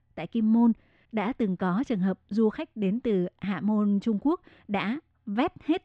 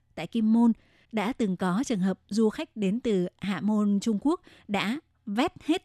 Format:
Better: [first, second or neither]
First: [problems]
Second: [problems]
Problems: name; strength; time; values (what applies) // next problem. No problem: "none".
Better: second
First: muffled; slightly; fading above 2.5 kHz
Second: none